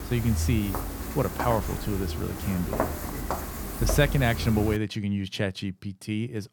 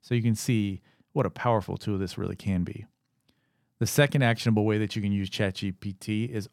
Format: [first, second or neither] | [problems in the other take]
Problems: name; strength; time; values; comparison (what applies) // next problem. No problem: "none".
second | footsteps; noticeable; until 5 s; peak 1 dB below the speech